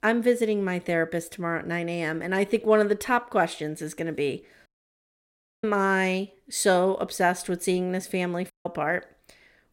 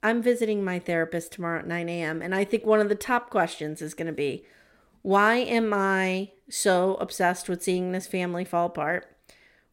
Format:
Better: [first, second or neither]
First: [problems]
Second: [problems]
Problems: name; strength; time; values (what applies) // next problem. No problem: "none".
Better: second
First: audio cutting out; at 4.5 s for 1 s and at 8.5 s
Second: none